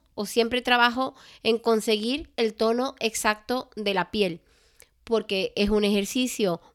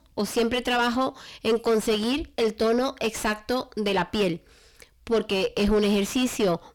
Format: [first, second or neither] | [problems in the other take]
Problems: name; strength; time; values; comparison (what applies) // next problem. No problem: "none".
first | distortion; heavy; 6 dB below the speech